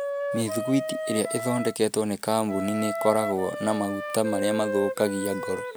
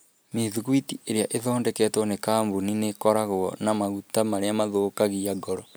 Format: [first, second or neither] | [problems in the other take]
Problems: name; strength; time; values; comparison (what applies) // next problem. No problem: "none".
second | background sound (Wind instrument, woodwind instrument); 5 dB below the speech